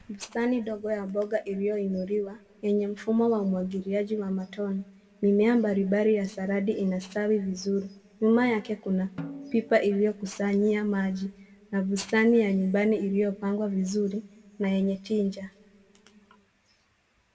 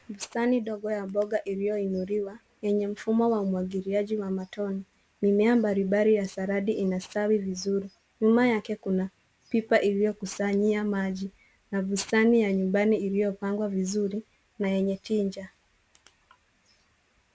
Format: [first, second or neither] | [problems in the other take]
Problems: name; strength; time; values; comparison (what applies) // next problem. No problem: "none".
second | background sound (Snare drum); 18 dB below the speech // room echo; dies away in 1.7 s